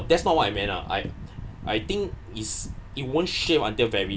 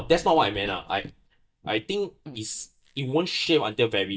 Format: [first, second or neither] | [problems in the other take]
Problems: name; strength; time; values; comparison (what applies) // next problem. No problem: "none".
first | noise reduction (neural mask model DeepFilterNet 3)